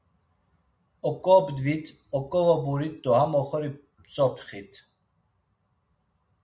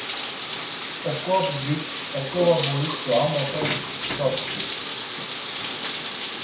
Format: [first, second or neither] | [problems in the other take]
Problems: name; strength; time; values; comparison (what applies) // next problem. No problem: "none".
first | background sound (Bathtub (filling or washing)); 3 dB below the speech // room echo; dies away in 0.6 s